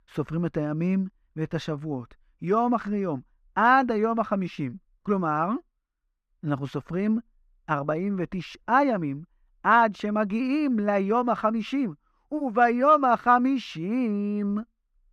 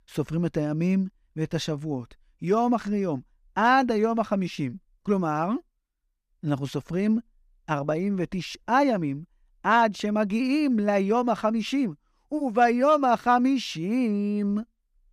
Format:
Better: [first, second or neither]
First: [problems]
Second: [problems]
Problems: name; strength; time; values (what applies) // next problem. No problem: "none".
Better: second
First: muffled; slightly; fading above 3.5 kHz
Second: none